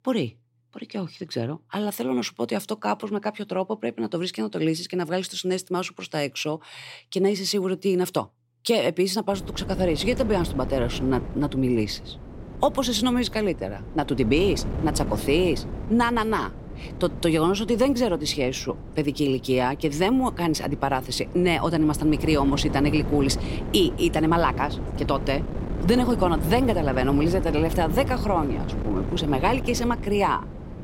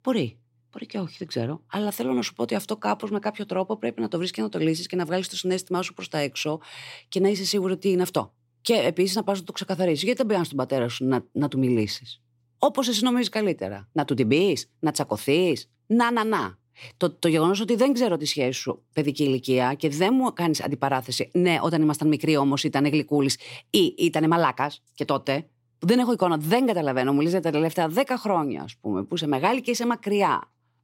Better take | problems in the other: second | wind noise on the microphone; occasional gusts; from 9.5 s on; 15 dB below the speech

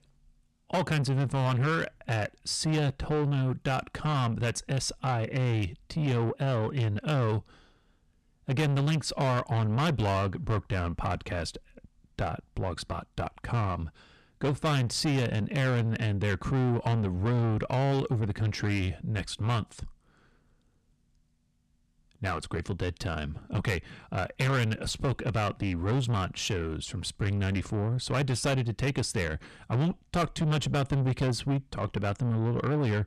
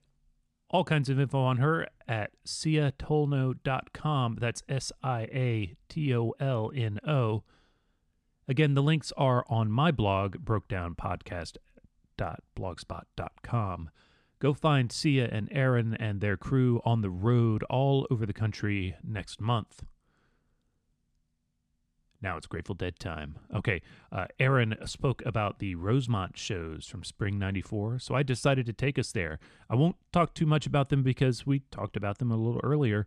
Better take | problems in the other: second | distortion; heavy; 8 dB below the speech

